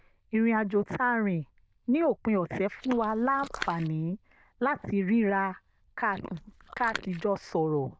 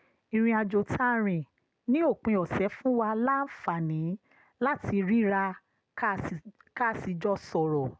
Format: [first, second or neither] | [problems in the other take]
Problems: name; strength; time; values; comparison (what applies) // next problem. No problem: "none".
second | noise reduction (neural diffusion model UNIVERSE++)